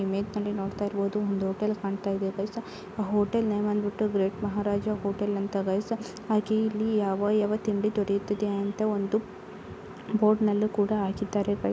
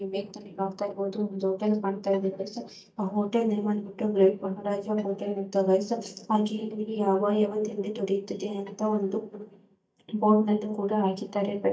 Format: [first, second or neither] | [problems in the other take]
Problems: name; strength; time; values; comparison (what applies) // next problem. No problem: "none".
first | noise reduction (neural mask model DeepFilterNet 3)